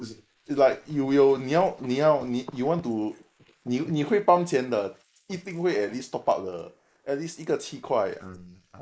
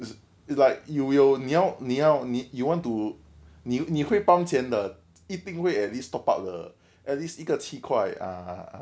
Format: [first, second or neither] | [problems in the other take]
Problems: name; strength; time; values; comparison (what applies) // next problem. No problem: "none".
second | noise reduction (neural mask model Resemble Enhance denoiser)